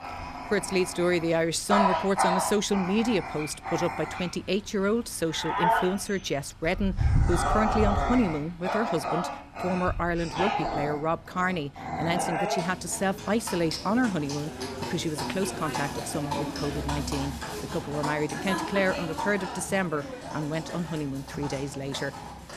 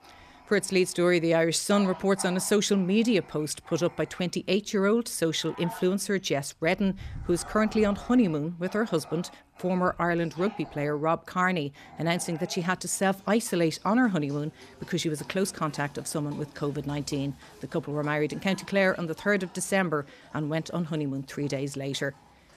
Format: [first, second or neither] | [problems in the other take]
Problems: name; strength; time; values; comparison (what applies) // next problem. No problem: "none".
second | animal sounds; loud; throughout; 2 dB below the speech; faint in the second